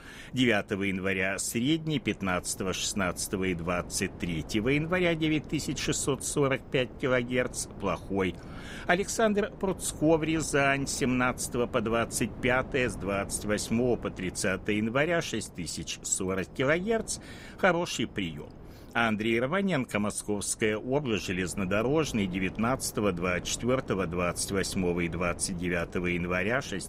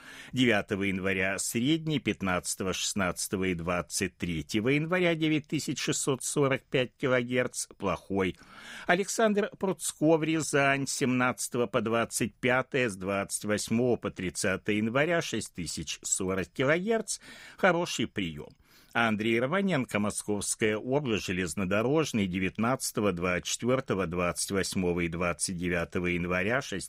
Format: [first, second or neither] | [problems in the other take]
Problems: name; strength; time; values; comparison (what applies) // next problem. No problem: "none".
second | wind noise on the microphone; occasional gusts; 20 dB below the speech